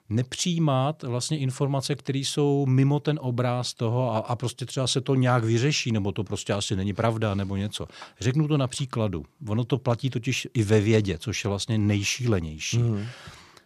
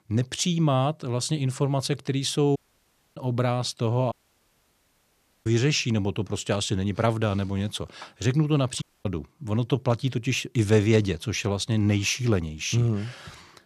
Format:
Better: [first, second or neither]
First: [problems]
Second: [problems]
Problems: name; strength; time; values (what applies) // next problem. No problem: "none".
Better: first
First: none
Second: audio cutting out; at 2.5 s for 0.5 s, at 4 s for 1.5 s and at 9 s